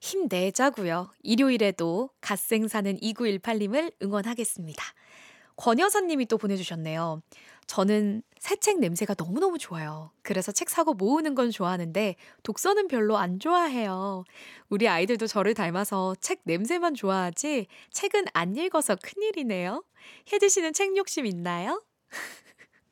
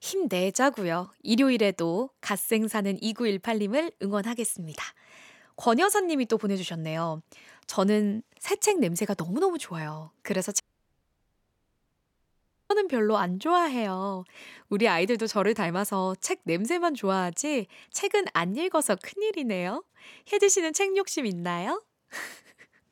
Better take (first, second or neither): first